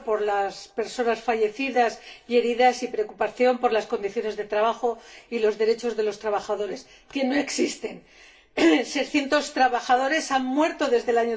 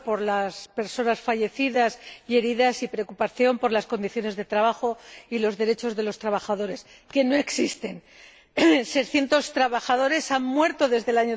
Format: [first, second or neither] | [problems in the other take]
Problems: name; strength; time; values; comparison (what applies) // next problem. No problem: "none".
second | room echo; dies away in 0.2 s